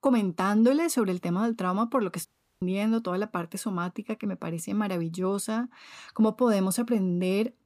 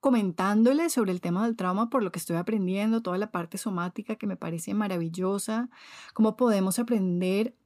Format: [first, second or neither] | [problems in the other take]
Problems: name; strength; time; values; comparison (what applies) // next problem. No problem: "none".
second | audio cutting out; at 2.5 s